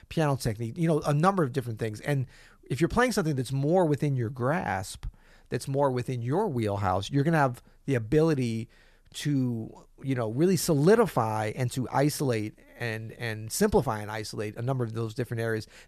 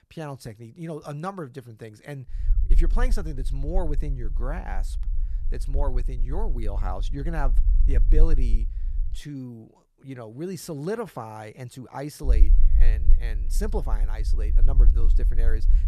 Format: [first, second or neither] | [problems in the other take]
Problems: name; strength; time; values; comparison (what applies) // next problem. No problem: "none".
first | low rumble; noticeable; from 2.5 to 9 s and from 12 s on; 15 dB below the speech